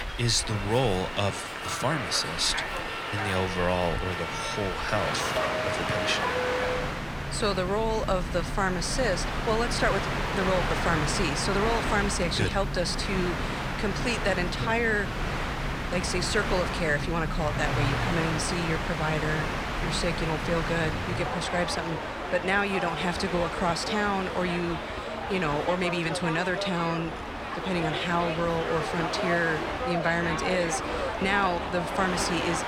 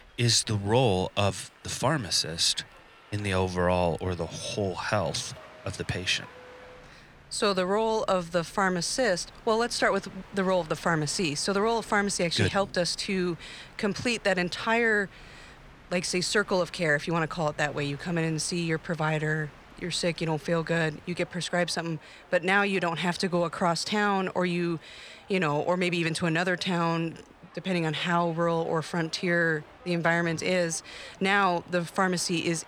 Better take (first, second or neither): second